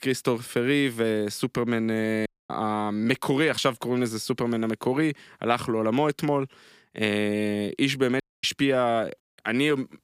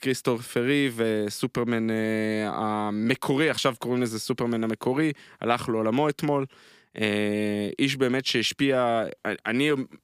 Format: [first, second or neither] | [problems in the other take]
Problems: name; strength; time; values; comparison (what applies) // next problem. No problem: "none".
second | audio cutting out; at 2.5 s, at 8 s and at 9 s